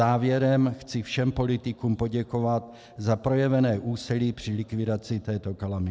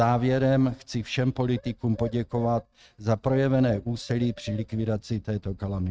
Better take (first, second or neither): first